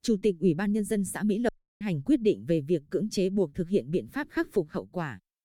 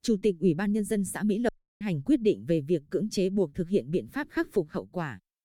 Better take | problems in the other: neither | audio cutting out; at 1.5 s; the same in both

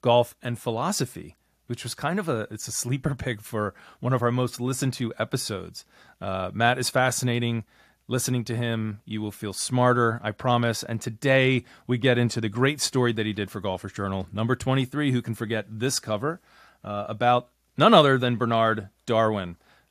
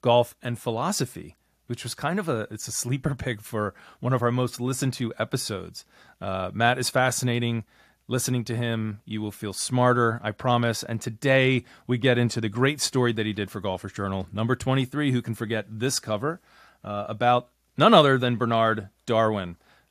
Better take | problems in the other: neither | none

